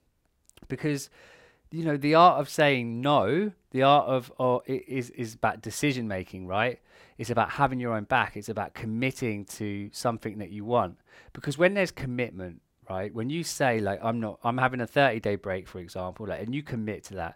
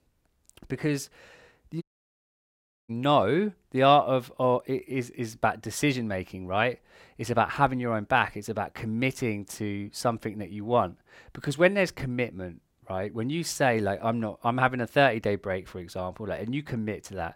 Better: first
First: none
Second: audio cutting out; at 2 s for 1 s

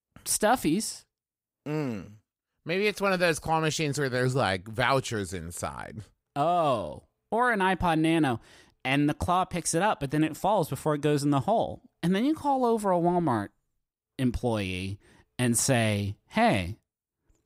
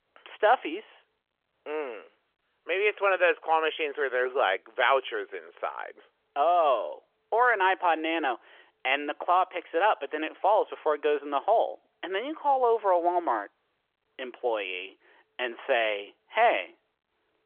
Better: first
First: none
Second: phone-call audio; nothing above 3.5 kHz

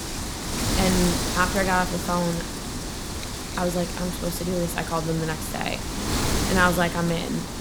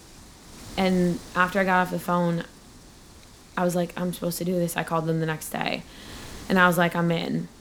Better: second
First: wind noise on the microphone; heavy; 4 dB below the speech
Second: wind noise on the microphone; occasional gusts; 20 dB below the speech

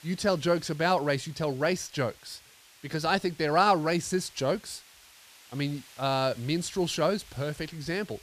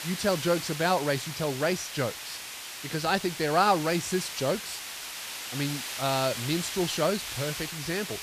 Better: first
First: hiss; faint; throughout; 25 dB below the speech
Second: hiss; loud; throughout; 6 dB below the speech

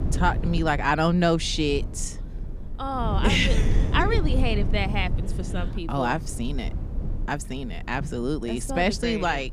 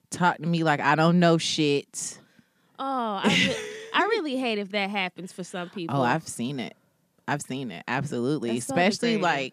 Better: second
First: low rumble; noticeable; throughout; 15 dB below the speech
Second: none

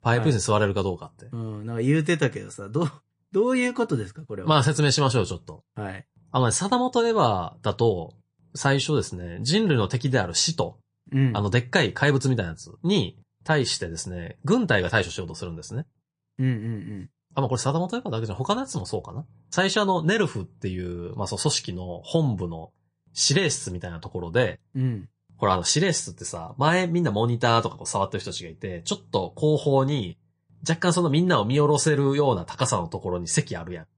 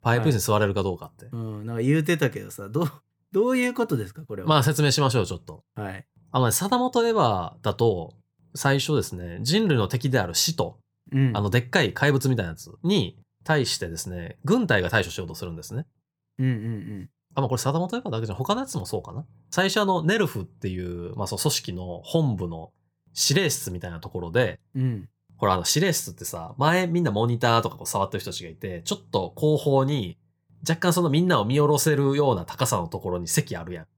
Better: second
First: garbled, watery; slightly; nothing above 9.5 kHz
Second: none

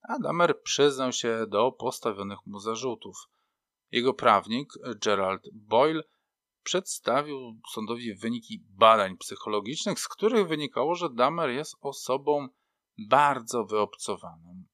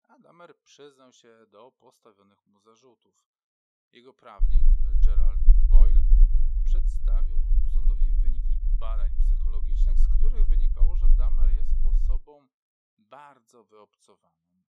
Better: first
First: none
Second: low rumble; loud; from 4.5 to 12 s; 2 dB below the speech

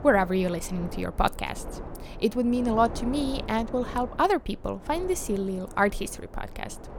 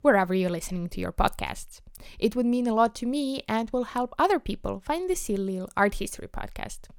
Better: second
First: wind noise on the microphone; occasional gusts; 15 dB below the speech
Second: none

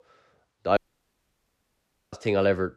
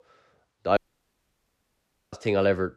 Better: neither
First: audio cutting out; at 1 s for 1.5 s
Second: audio cutting out; at 1 s for 1.5 s

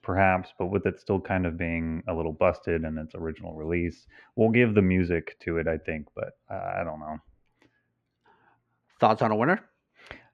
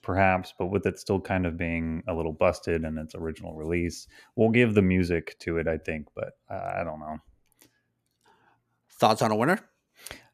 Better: second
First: muffled; slightly; fading above 2 kHz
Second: none

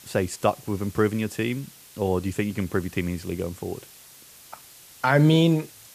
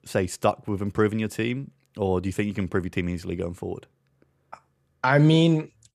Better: second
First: hiss; faint; throughout; 20 dB below the speech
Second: none

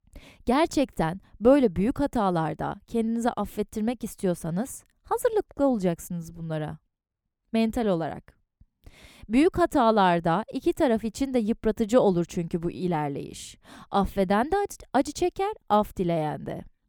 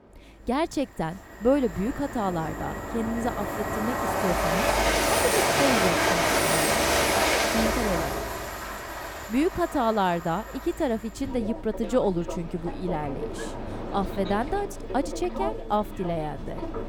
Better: first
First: none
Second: train or aircraft noise; very loud; throughout; 2 dB above the speech

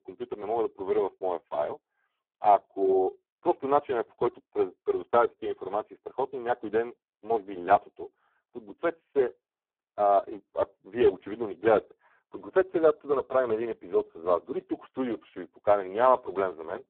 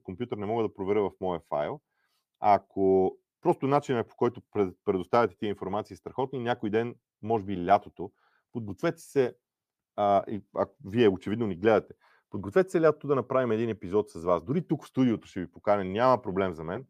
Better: second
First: phone-call audio; poor line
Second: none

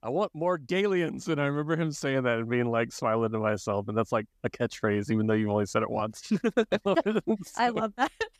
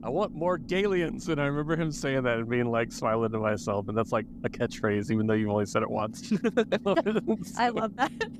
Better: first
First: none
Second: low rumble; faint; throughout; 20 dB below the speech

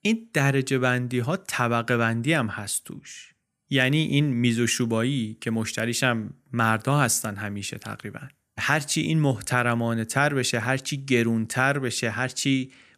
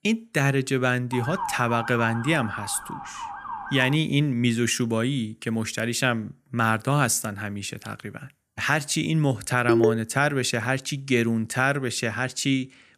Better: first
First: none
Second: siren; noticeable; from 1 to 4 s; peak 6 dB below the speech // phone ringing; loud; at 9.5 s; peak 3 dB above the speech

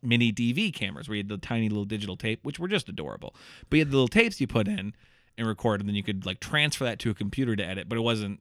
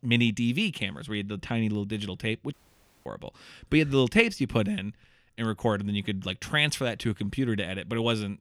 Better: first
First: none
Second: audio cutting out; at 2.5 s for 0.5 s

